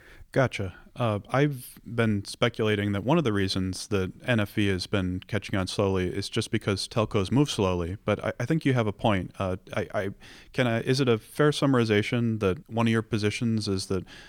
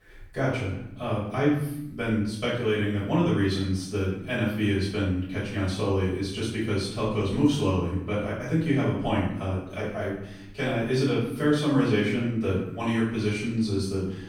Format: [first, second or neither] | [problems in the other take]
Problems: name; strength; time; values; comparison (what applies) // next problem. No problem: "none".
first | room echo; noticeable; dies away in 0.8 s // off-mic speech; far